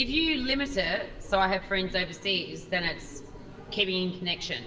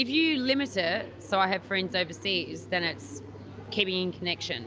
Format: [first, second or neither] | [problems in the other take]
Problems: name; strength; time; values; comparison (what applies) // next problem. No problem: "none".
second | background sound (Dog); 14 dB below the speech // room echo; dies away in 1 s